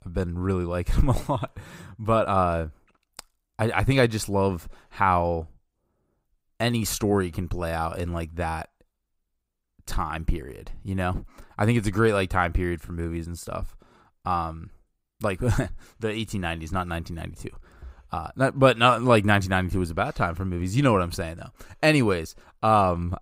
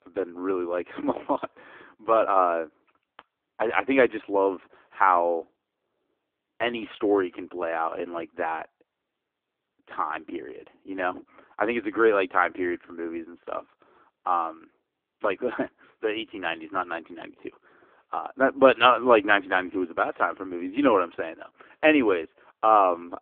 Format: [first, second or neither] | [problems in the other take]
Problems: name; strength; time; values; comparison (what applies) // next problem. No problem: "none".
first | phone-call audio; poor line; nothing above 3 kHz